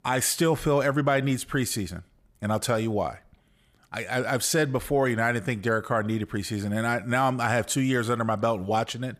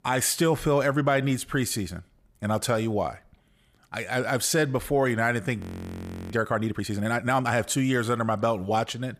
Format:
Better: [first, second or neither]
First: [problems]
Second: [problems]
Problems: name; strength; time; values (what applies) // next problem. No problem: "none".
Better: first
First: none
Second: audio freezing; at 5.5 s for 0.5 s